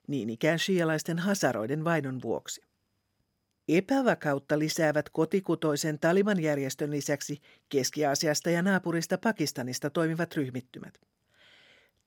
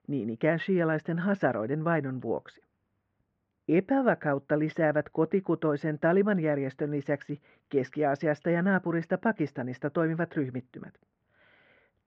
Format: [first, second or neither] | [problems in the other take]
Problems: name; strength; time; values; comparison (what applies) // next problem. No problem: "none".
first | muffled; very; fading above 2 kHz